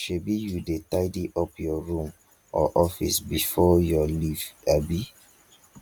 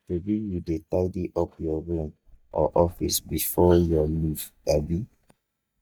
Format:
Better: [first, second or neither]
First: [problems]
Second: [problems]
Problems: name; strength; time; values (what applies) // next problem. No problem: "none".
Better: first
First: none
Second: noise reduction (neural mask model DeepFilterNet 3)